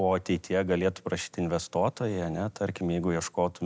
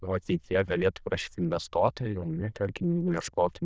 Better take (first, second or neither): first